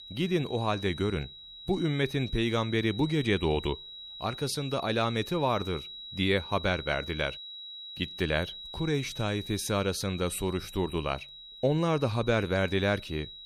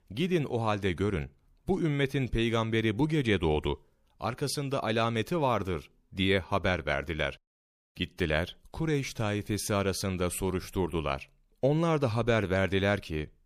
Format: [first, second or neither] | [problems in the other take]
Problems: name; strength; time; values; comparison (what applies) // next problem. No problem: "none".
second | high-pitched whine; noticeable; throughout; 4 kHz, 10 dB below the speech